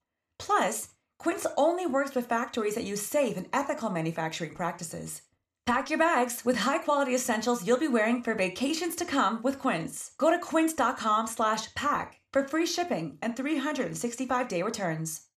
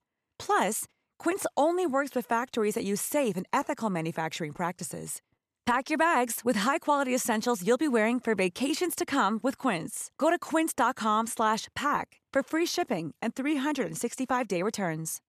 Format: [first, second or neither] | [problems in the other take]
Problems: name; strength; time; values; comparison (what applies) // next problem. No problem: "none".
second | room echo; very slight; dies away in 0.4 s